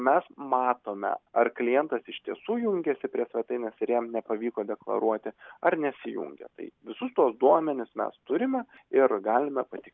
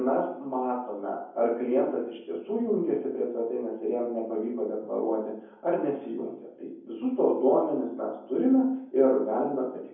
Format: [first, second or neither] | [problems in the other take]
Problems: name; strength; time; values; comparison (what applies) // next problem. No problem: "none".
first | room echo; dies away in 0.7 s